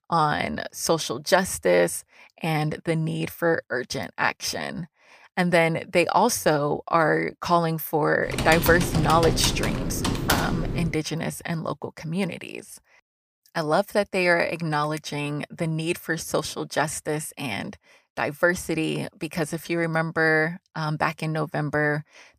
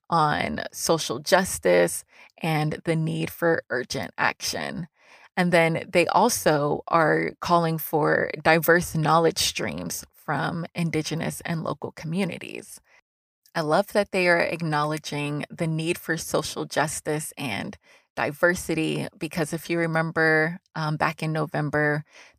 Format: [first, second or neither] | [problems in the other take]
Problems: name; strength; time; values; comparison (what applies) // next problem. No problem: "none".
second | keyboard typing; loud; from 8.5 to 11 s; peak level with the speech